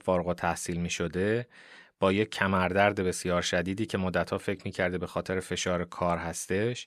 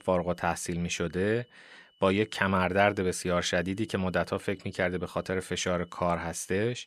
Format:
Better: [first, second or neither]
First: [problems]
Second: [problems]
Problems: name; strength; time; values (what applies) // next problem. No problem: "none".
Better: first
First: none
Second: high-pitched whine; faint; throughout; 3 kHz, 35 dB below the speech